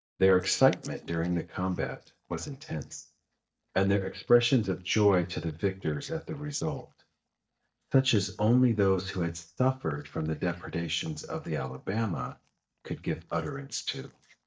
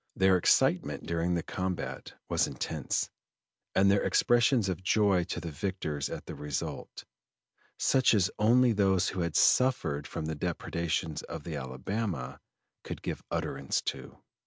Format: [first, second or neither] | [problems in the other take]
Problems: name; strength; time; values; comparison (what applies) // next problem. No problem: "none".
second | noise reduction (neural mask model DeepFilterNet 3)